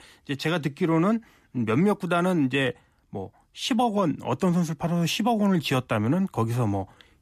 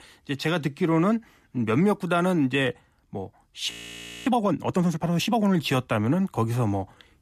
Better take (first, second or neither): first